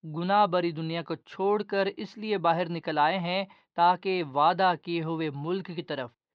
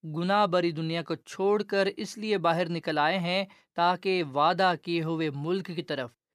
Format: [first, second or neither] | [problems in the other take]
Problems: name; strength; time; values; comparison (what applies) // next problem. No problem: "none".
second | muffled; very slightly; fading above 4 kHz